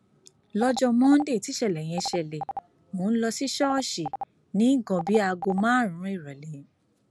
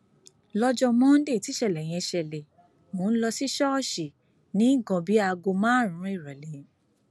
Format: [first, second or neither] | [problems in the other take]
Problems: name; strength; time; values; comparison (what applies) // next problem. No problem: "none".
second | background sound (Telephone); 12 dB below the speech